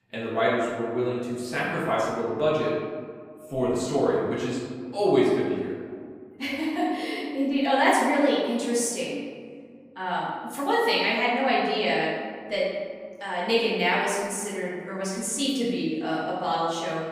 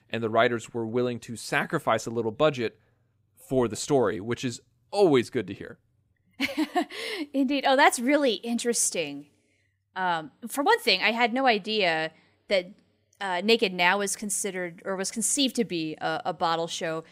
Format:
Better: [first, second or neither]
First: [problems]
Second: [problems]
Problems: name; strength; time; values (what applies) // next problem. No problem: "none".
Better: second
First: room echo; noticeable; dies away in 1.6 s // off-mic speech; far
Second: none